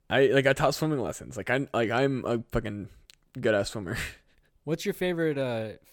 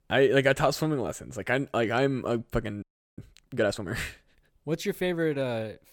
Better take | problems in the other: first | audio freezing; at 3 s

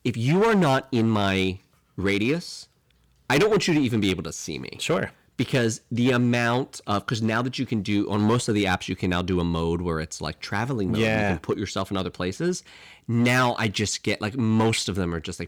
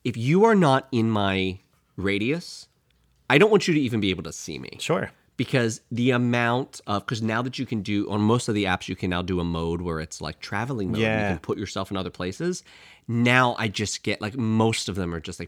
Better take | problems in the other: second | distortion; slight; 6% of the sound clipped

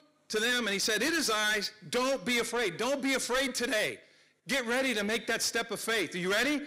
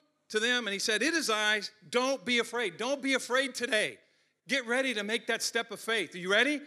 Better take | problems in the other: second | distortion; heavy; 7 dB below the speech

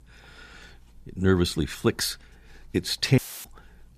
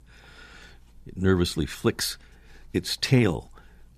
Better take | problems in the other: second | audio cutting out; filled with static; at 3 s

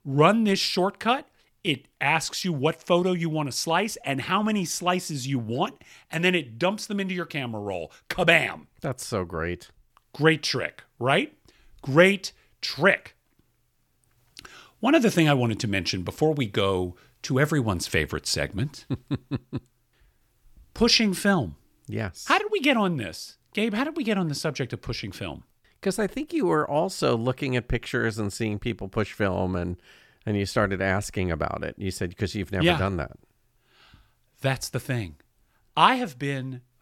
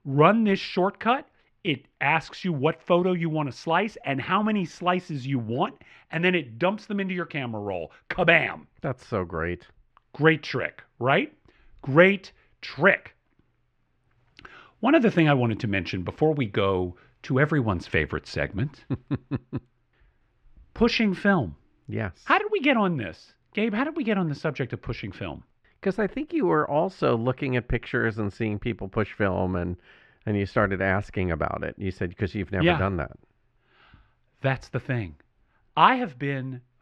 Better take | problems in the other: first | muffled; slightly; fading above 2 kHz

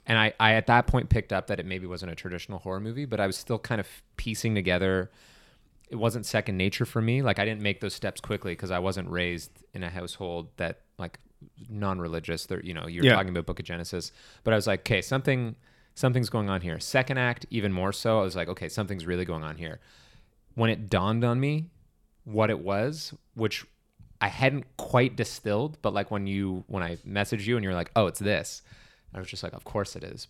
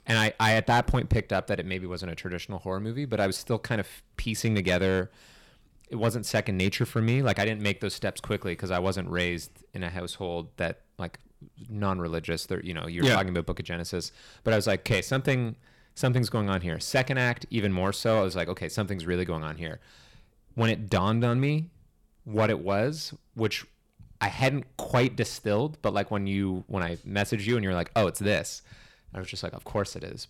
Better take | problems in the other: first | distortion; slight; 2% of the sound clipped

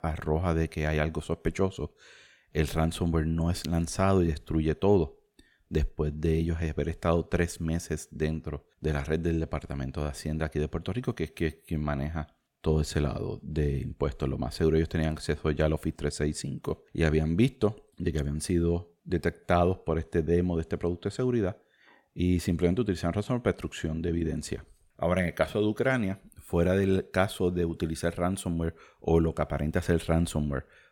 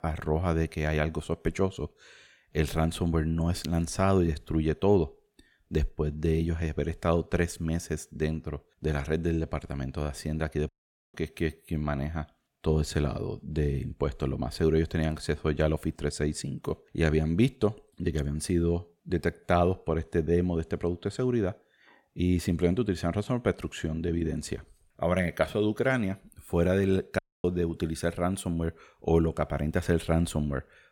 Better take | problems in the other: first | audio cutting out; at 11 s and at 27 s

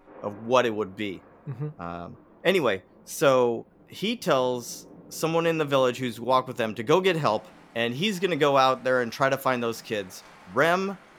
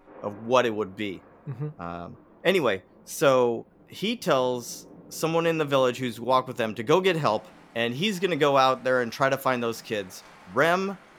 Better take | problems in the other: neither | rain or running water; faint; throughout; 25 dB below the speech; the same in both

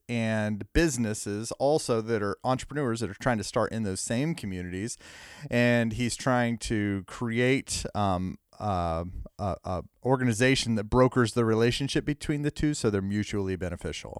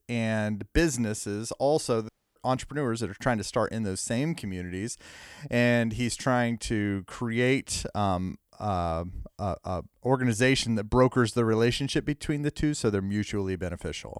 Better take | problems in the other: first | audio cutting out; at 2 s

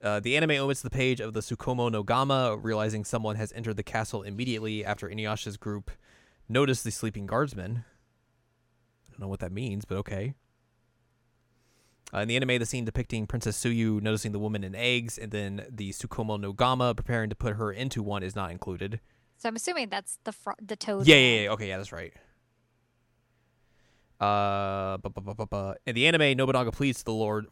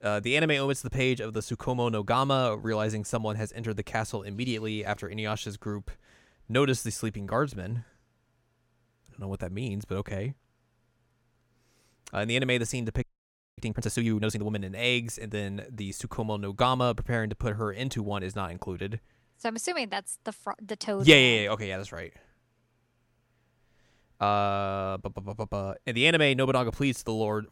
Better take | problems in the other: first | audio freezing; at 13 s for 0.5 s

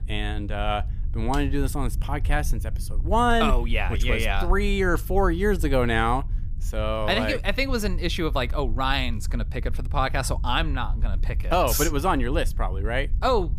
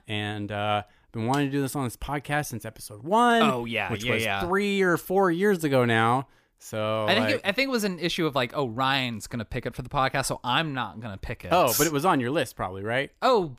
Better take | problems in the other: second | low rumble; faint; throughout; 25 dB below the speech

